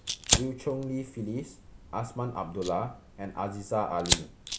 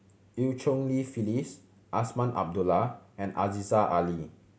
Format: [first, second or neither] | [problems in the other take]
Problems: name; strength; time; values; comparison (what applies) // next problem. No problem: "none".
second | background sound (Fire); as loud as the speech